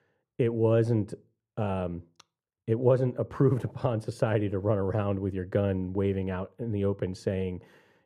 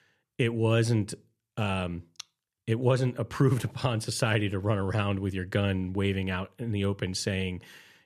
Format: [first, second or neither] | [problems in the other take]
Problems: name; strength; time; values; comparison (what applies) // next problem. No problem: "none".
second | muffled; very; fading above 1.5 kHz